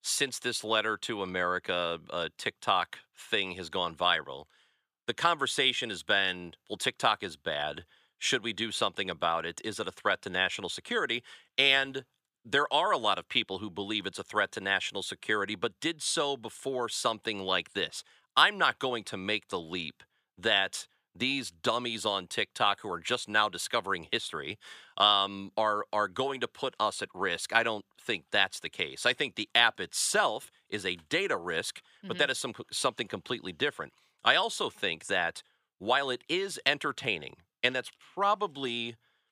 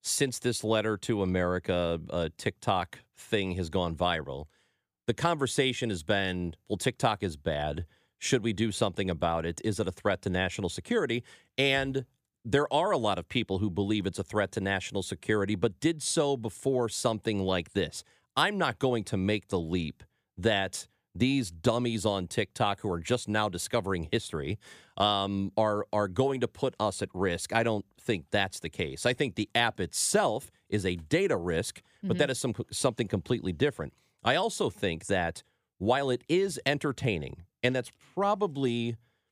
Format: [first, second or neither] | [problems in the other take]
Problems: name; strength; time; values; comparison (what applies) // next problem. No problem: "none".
second | thin; somewhat; fading below 950 Hz